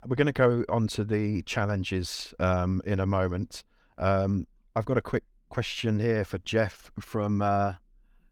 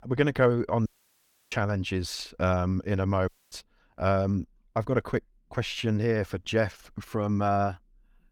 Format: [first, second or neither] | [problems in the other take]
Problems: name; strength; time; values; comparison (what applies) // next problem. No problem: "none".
first | audio cutting out; at 1 s for 0.5 s and at 3.5 s